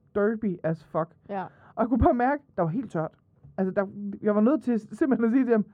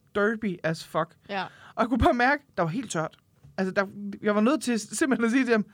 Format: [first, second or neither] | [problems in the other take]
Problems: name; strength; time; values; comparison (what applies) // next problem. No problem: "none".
second | muffled; very; fading above 2 kHz